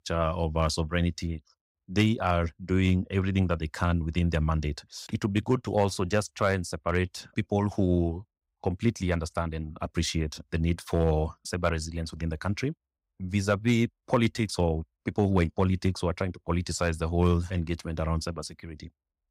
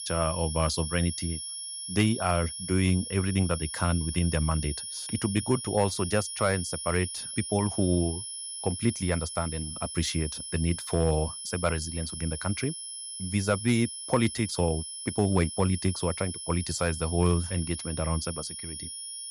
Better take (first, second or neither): first